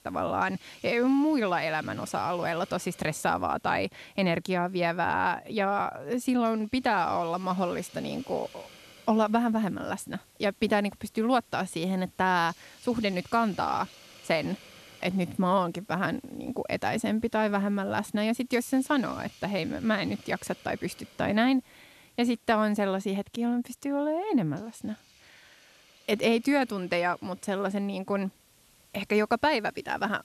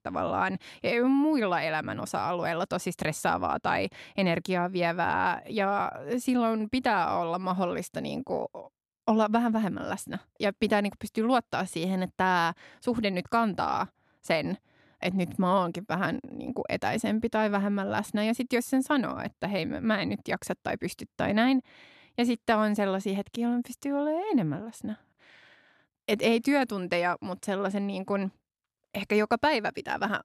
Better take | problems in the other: second | hiss; faint; throughout; 25 dB below the speech

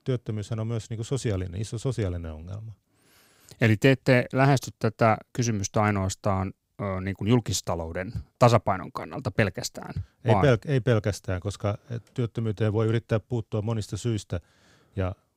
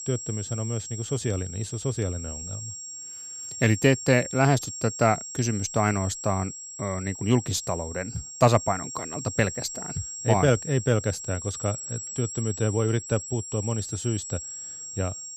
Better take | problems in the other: first | high-pitched whine; loud; throughout; 7.5 kHz, 8 dB below the speech

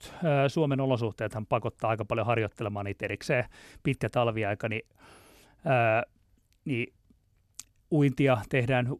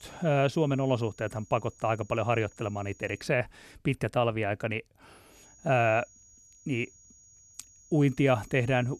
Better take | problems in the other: first | high-pitched whine; faint; until 3 s and from 5.5 s on; 6.5 kHz, 25 dB below the speech

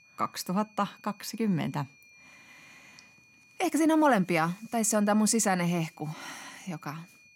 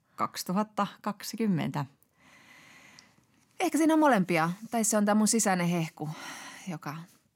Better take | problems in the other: second | high-pitched whine; faint; throughout; 2.5 kHz, 25 dB below the speech

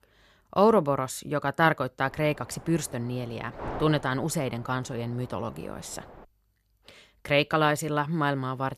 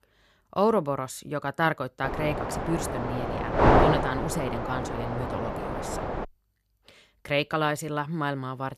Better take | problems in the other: first | wind noise on the microphone; heavy; from 2 to 6 s; 2 dB above the speech; occasional gusts in the first

